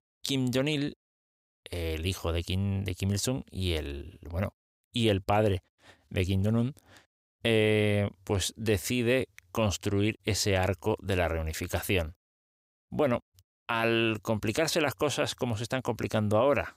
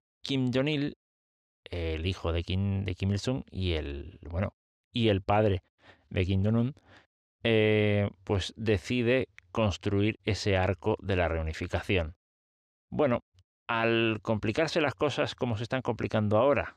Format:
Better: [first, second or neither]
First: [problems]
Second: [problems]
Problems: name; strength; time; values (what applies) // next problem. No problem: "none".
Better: first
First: none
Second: muffled; very slightly; fading above 3.5 kHz